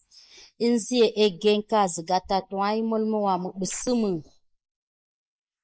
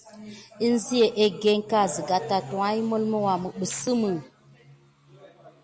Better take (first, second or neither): second